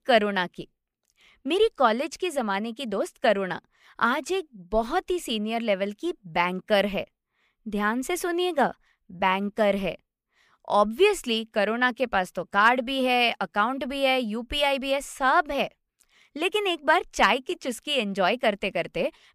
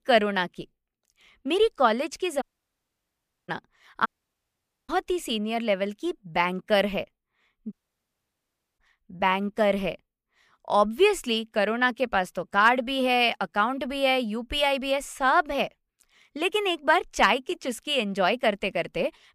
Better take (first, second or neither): first